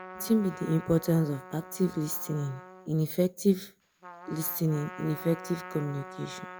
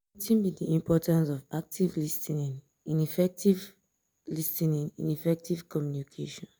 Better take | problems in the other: second | background sound (Trumpet); 15 dB below the speech

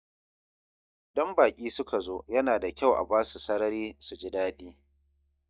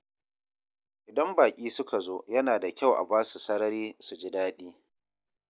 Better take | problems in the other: second | noise reduction (neural mask model DeepFilterNet 3)

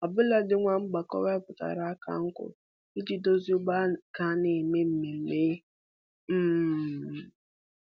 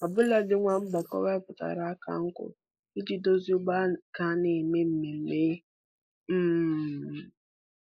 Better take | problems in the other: first | noise reduction (neural mask model Resemble Enhance denoiser)

